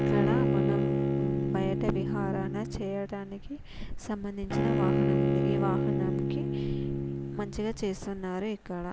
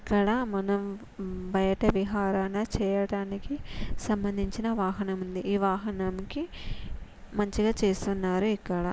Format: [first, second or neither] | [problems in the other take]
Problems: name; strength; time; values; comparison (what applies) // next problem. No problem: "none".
second | background sound (Bowed string instrument); 5 dB above the speech